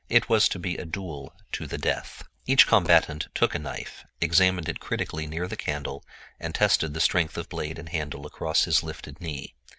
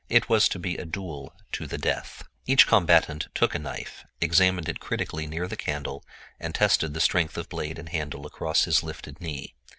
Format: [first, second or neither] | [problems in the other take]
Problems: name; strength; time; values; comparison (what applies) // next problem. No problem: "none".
second | background sound (Coin (dropping)); 20 dB below the speech